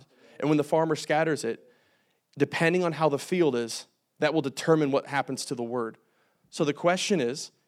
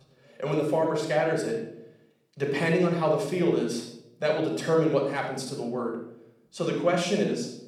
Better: first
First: none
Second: off-mic speech; somewhat distant // room echo; noticeable; dies away in 0.6 s

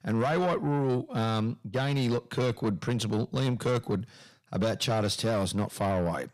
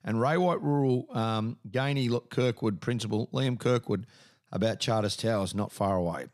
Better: second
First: distortion; slight; 10 dB below the speech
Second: none

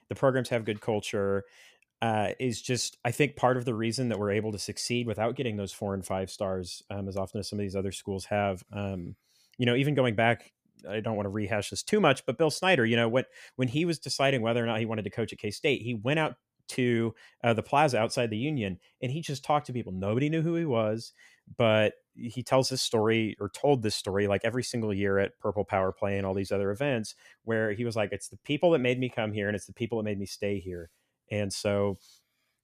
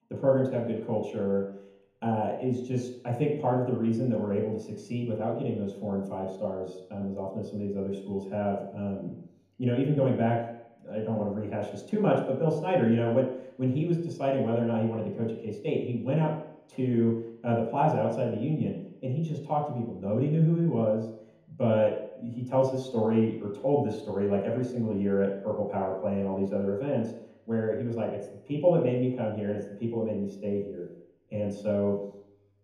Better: first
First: none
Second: room echo; noticeable; dies away in 3 s // off-mic speech; far

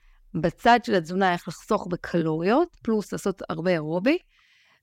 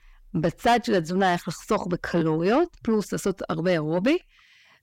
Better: first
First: none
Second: distortion; slight; 10 dB below the speech

